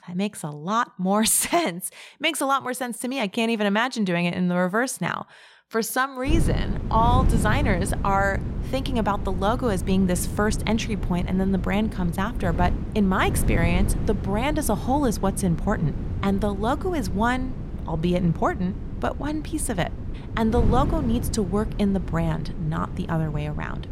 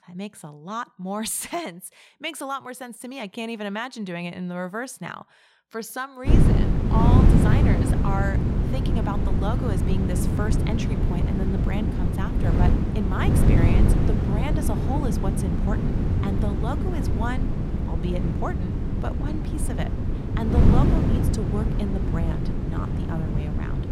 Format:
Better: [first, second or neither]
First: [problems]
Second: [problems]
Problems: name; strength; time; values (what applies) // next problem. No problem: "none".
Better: first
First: wind noise on the microphone; occasional gusts; from 6.5 s on; 15 dB below the speech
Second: wind noise on the microphone; heavy; from 6.5 s on; 1 dB above the speech